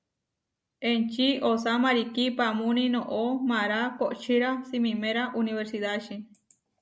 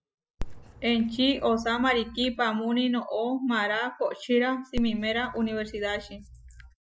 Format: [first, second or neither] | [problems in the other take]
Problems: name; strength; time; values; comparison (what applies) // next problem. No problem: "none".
first | noise reduction (classical method Wiener filter)